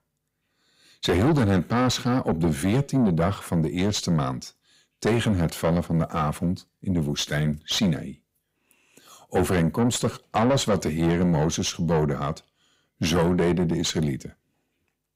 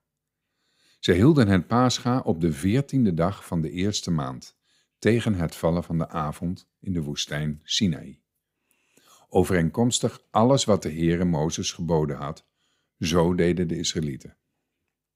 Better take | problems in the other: second | distortion; heavy; 7 dB below the speech

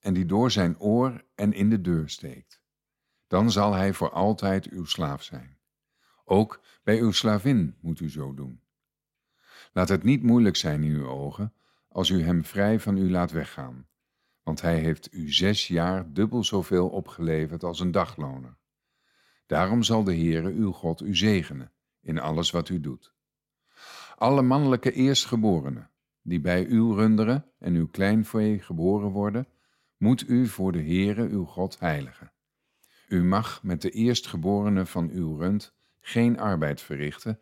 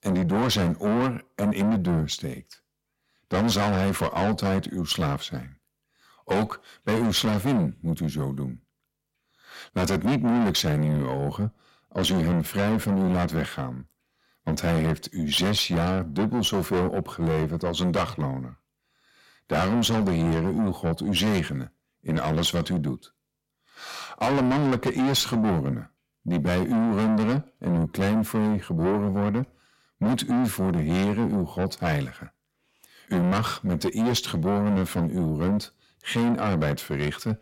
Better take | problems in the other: first | distortion; heavy; 6 dB below the speech

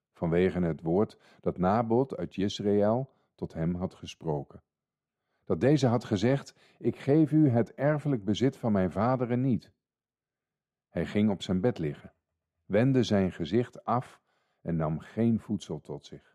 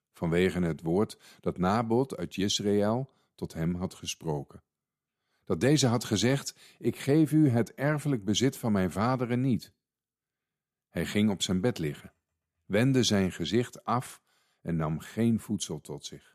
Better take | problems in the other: second | muffled; slightly; fading above 1.5 kHz

